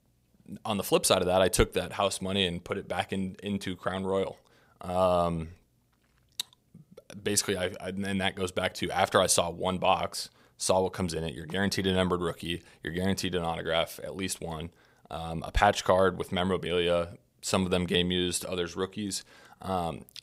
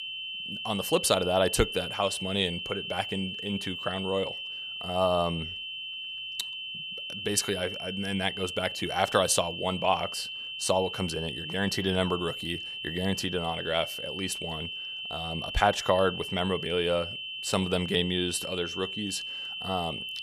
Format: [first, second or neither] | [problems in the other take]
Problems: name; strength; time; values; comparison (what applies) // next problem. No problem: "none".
first | high-pitched whine; loud; throughout; 3 kHz, 5 dB below the speech